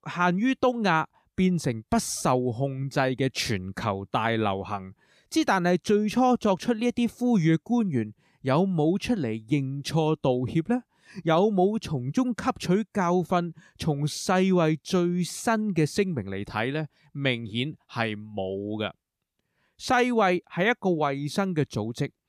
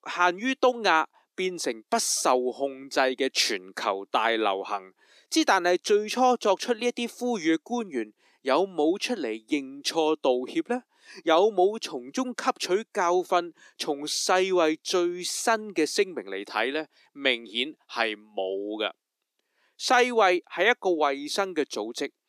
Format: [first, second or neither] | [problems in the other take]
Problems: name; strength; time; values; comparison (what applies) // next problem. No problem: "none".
first | thin; somewhat; fading below 300 Hz